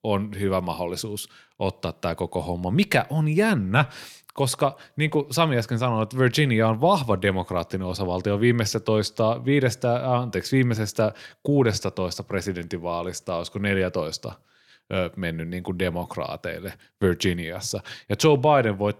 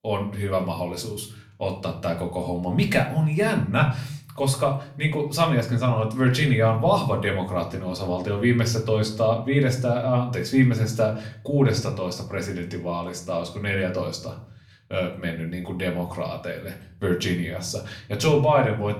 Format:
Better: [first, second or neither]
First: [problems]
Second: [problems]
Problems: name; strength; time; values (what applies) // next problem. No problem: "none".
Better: first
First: none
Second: room echo; slight; dies away in 0.5 s // off-mic speech; far